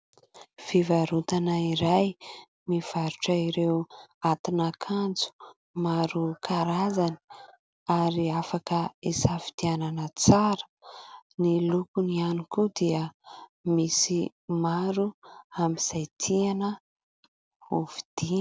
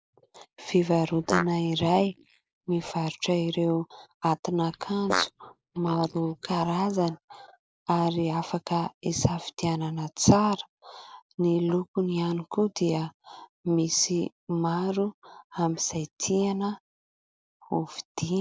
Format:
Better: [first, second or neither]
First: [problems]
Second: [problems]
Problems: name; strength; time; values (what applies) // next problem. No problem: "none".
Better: first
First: none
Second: noise reduction (neural mask model Resemble Enhance denoiser)